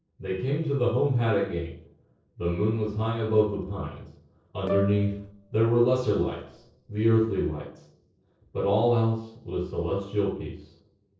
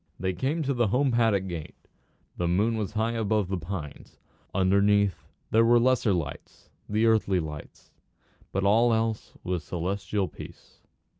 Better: second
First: noise reduction (neural separator model SepFormer DNS4)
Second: none

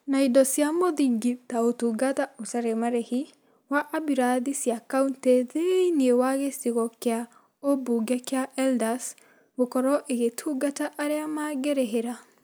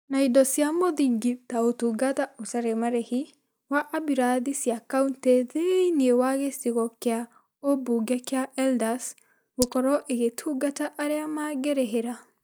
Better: first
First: none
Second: noise reduction (neural mask model DeepFilterNet 3)

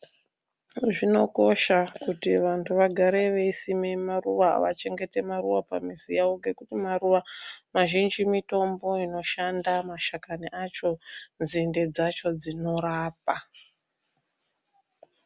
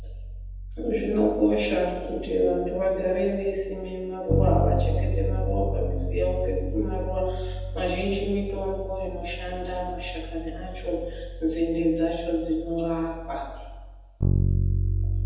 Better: first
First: none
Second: background sound (Bass guitar); 1 dB below the speech // room echo; dies away in 1.1 s

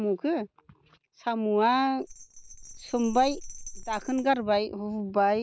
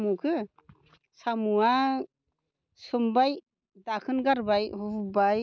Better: second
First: background sound (Bell); 14 dB below the speech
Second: none

